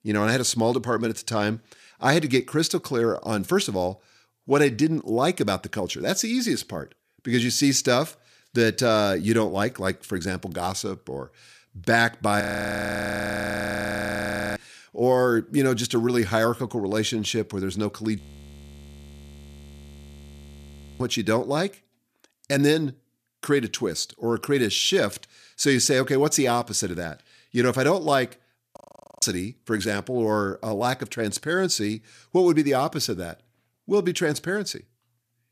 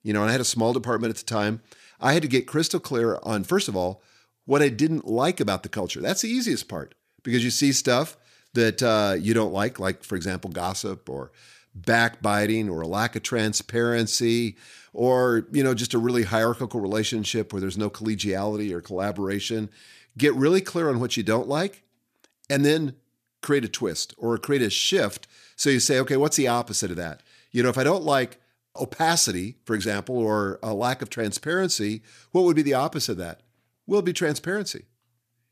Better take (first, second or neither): second